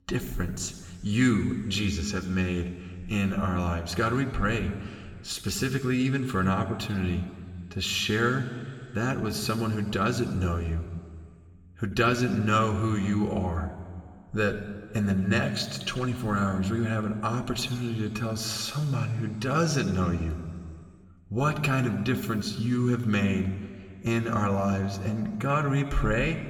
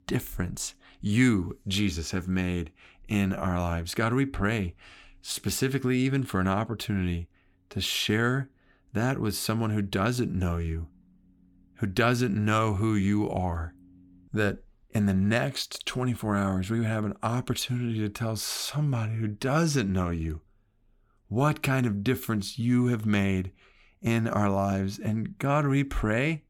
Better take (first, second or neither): second